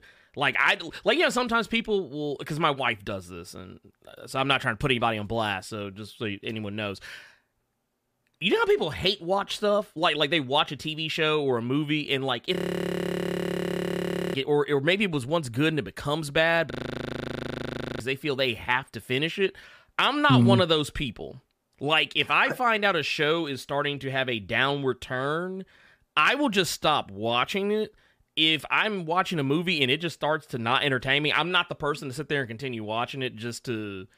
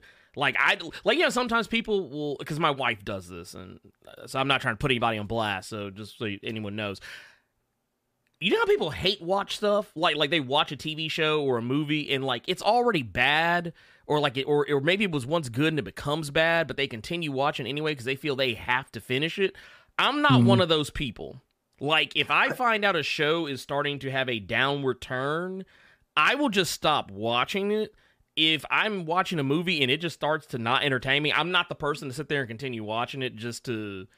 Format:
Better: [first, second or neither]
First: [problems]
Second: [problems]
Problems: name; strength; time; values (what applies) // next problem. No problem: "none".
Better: second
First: audio freezing; at 13 s for 2 s and at 17 s for 1.5 s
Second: none